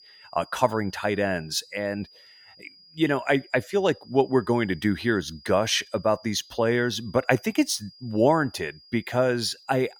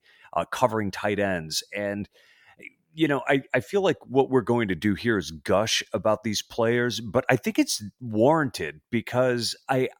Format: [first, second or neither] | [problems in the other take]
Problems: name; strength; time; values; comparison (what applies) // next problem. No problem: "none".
second | high-pitched whine; faint; throughout; 5 kHz, 25 dB below the speech